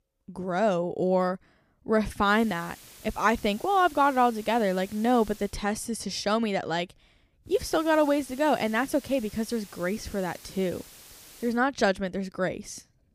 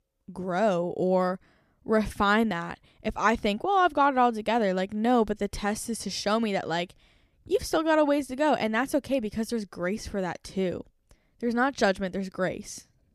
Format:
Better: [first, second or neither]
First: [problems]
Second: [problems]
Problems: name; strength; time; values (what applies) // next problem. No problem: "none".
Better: second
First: hiss; faint; from 2.5 to 5.5 s and from 7.5 to 12 s; 20 dB below the speech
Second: none